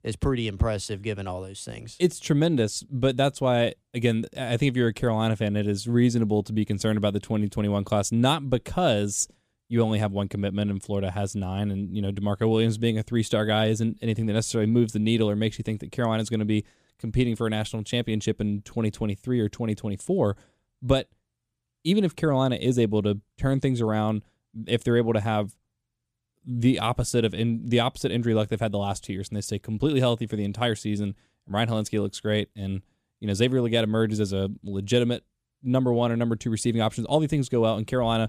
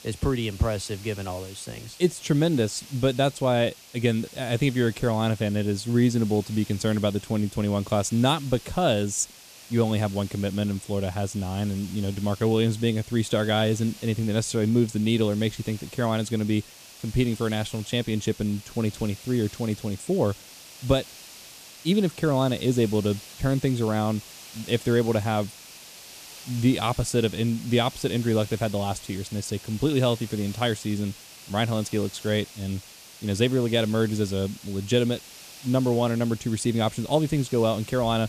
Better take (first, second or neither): first